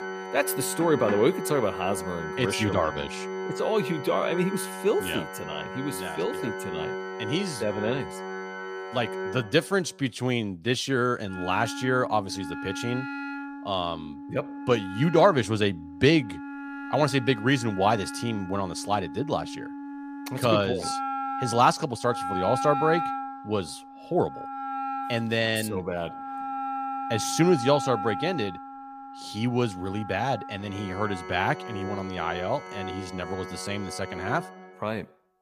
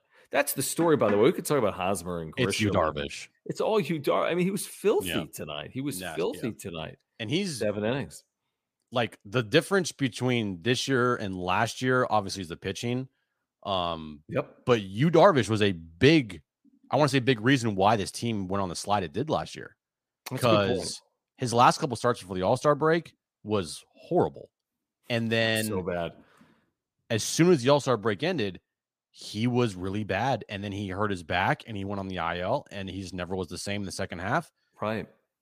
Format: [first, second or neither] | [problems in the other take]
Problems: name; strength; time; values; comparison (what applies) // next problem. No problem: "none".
second | background music; loud; throughout; 8 dB below the speech